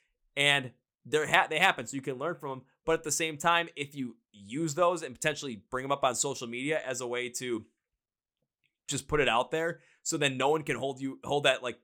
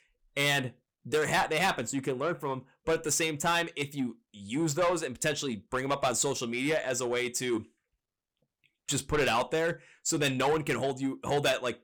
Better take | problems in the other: first | distortion; heavy; 7 dB below the speech

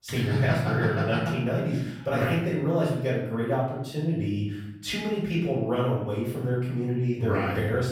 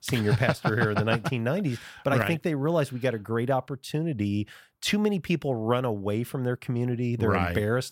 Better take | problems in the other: second | off-mic speech; far // room echo; noticeable; dies away in 0.7 s

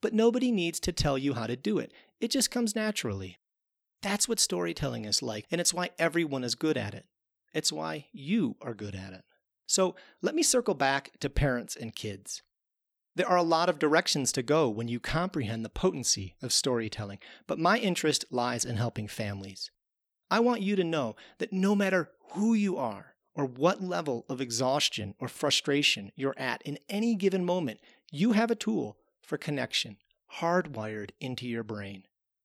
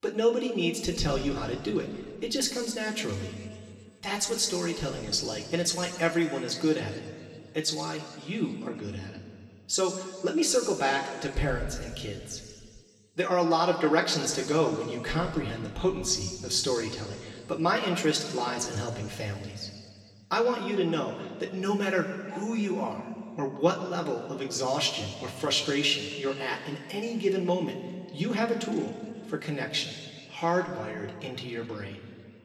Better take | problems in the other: first | room echo; slight; dies away in 2.2 s // off-mic speech; somewhat distant

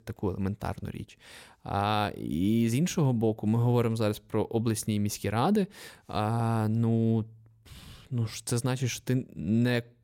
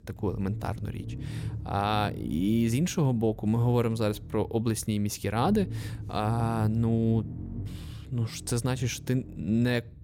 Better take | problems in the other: first | low rumble; noticeable; throughout; 20 dB below the speech

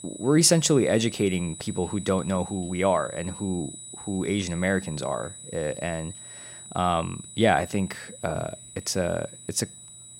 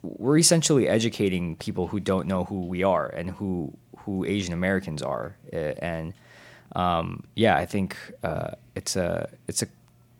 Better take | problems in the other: second | high-pitched whine; noticeable; throughout; 8 kHz, 15 dB below the speech

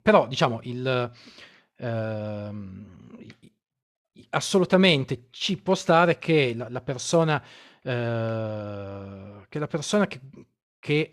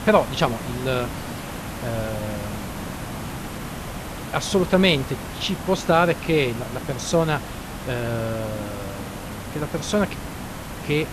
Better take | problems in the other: first | hiss; loud; throughout; 9 dB below the speech

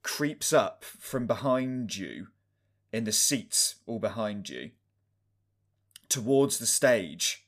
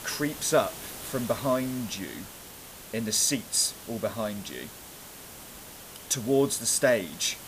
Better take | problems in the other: first | hiss; noticeable; throughout; 15 dB below the speech

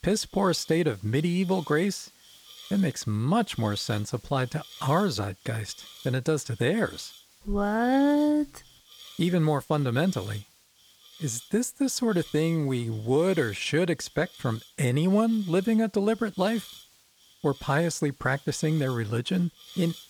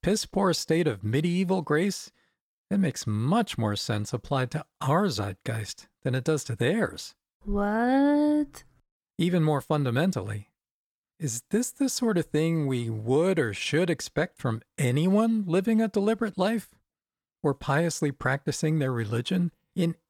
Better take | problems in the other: second | hiss; faint; throughout; 20 dB below the speech

